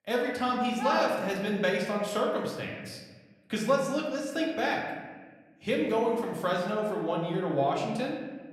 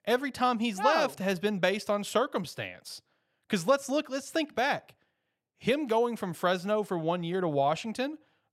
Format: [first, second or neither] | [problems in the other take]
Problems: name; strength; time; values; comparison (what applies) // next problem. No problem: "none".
second | room echo; noticeable; dies away in 1.2 s // off-mic speech; somewhat distant